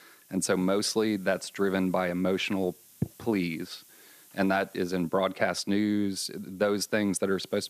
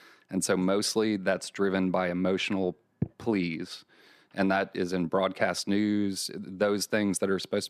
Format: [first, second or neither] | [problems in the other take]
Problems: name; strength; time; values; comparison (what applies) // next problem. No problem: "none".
second | hiss; faint; throughout; 25 dB below the speech